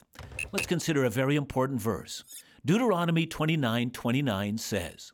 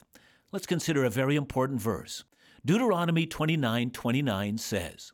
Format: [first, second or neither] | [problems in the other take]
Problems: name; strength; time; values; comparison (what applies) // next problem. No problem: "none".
second | keyboard typing; noticeable; at the start; peak 4 dB below the speech // clattering dishes; faint; at 2 s; peak 20 dB below the speech